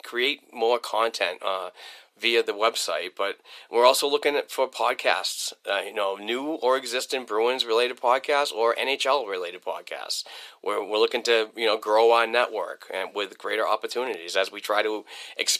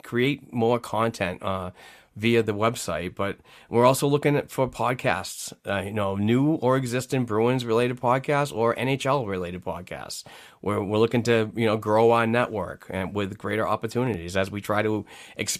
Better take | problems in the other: second | thin; very; fading below 400 Hz

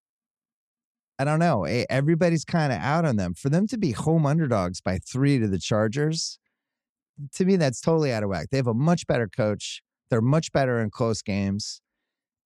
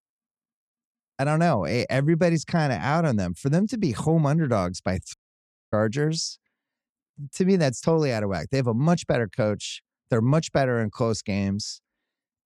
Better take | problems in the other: first | audio cutting out; at 5 s for 0.5 s

